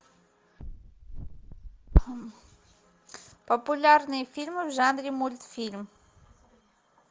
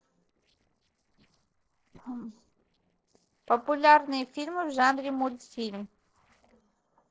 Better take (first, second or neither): first